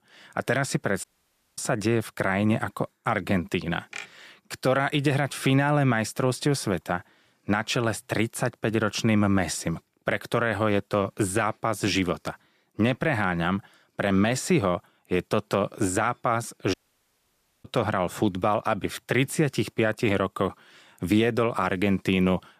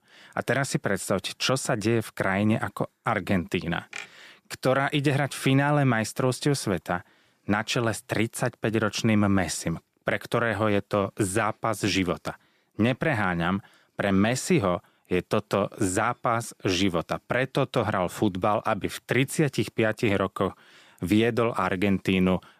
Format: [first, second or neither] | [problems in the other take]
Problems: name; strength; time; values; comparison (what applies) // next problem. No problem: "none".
second | audio cutting out; at 1 s for 0.5 s and at 17 s for 1 s